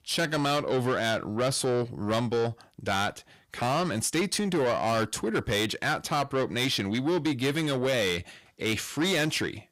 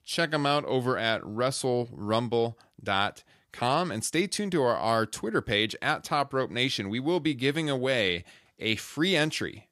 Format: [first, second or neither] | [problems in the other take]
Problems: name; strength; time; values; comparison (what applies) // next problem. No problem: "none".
second | distortion; heavy; 8 dB below the speech